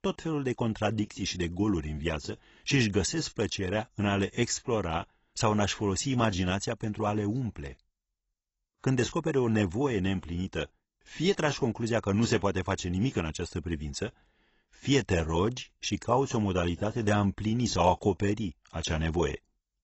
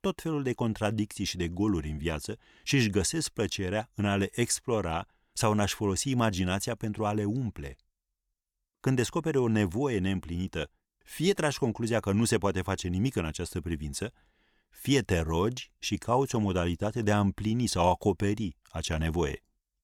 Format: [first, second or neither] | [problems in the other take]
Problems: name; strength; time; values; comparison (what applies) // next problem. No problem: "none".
second | garbled, watery; badly; nothing above 8 kHz